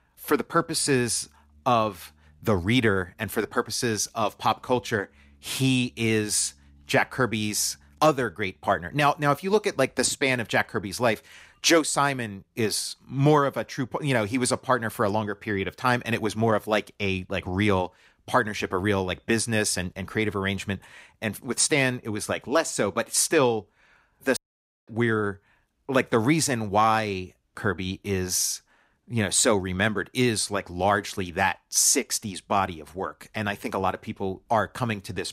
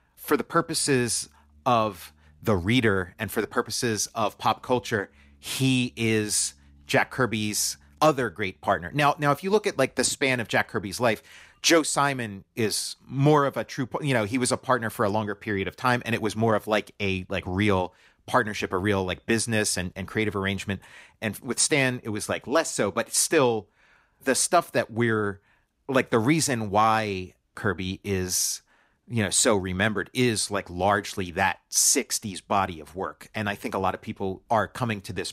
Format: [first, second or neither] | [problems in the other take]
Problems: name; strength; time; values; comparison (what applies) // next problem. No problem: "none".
second | audio cutting out; at 24 s for 0.5 s